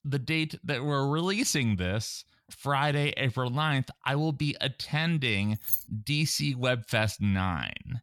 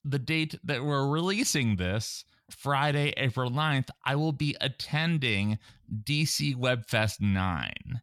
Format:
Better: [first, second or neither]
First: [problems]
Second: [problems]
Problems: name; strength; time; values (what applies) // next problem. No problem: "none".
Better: second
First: jangling keys; loud; at 5.5 s; peak level with the speech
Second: none